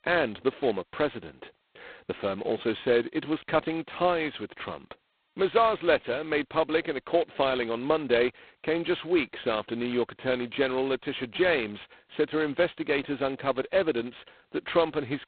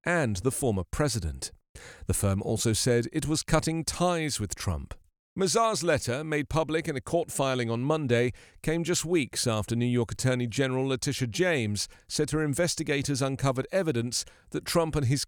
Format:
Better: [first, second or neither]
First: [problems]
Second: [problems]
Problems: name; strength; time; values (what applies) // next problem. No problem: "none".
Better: second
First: phone-call audio; poor line; nothing above 4 kHz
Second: none